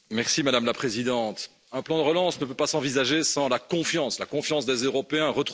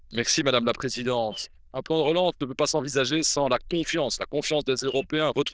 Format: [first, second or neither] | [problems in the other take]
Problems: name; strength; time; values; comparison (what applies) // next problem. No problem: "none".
first | noise reduction (neural diffusion model UNIVERSE++)